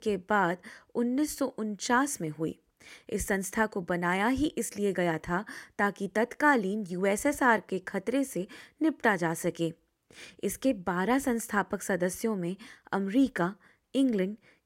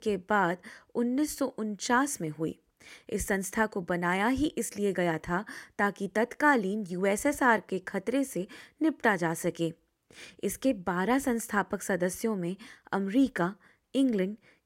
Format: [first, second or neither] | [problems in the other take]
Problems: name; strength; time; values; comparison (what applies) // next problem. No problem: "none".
neither | none